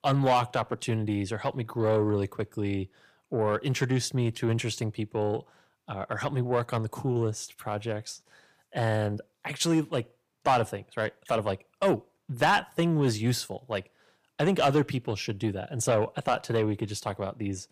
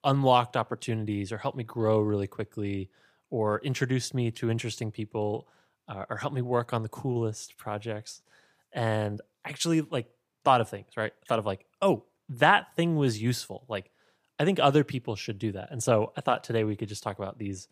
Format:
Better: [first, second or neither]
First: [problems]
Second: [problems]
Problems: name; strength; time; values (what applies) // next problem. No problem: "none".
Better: second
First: distortion; slight; 10 dB below the speech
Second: none